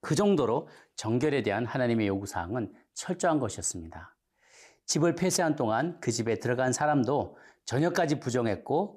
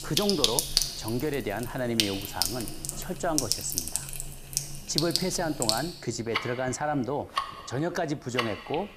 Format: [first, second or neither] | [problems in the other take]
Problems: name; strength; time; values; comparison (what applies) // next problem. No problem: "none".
first | household noises; very loud; throughout; 2 dB above the speech